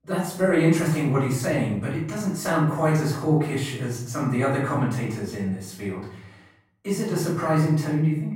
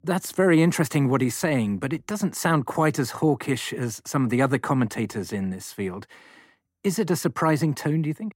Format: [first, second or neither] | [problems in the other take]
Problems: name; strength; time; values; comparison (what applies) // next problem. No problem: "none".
second | off-mic speech; far // room echo; noticeable; dies away in 0.7 s